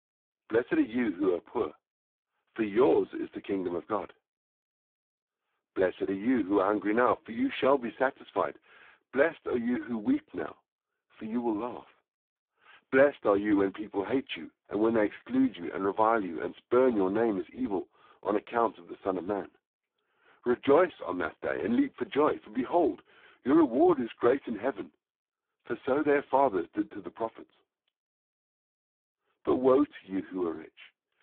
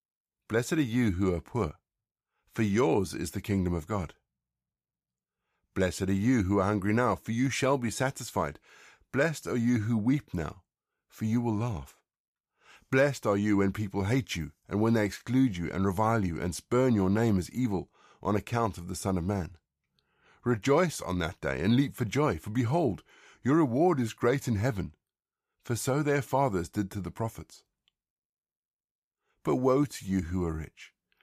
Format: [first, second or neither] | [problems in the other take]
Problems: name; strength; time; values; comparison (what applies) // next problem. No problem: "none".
second | phone-call audio; poor line